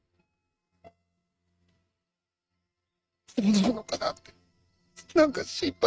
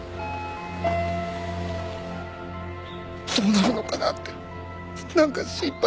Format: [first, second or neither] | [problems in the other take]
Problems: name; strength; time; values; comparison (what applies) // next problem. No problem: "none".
second | noise reduction (neural mask model RNNoise)